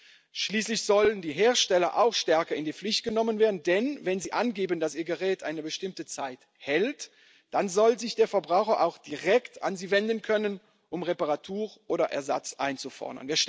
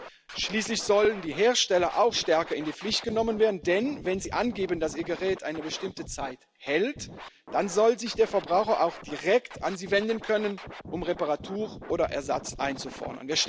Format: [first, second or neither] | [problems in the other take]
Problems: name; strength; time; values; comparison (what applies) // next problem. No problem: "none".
first | background sound (Scratching (performance technique)); 16 dB below the speech